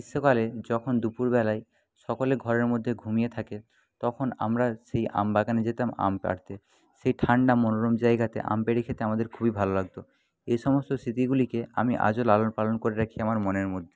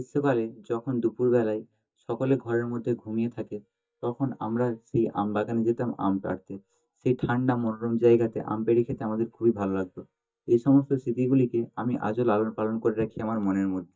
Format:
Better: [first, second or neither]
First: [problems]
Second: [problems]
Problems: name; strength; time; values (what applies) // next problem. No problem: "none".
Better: first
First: none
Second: noise reduction (neural mask model DeepFilterNet 3)